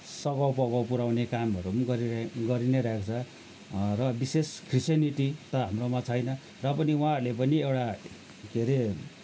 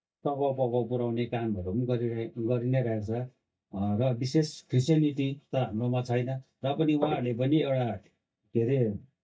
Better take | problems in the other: first | noise reduction (neural mask model DeepFilterNet 3)

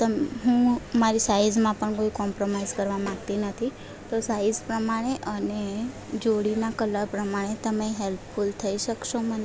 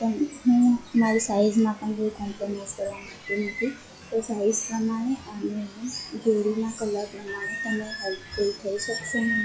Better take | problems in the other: first | noise reduction (classical method WPE with log-MMSE)

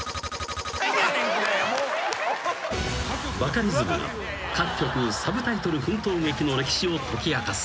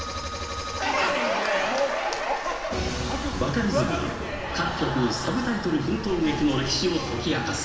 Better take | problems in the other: first | background sound (Cricket); 19 dB below the speech // room echo; dies away in 2.1 s

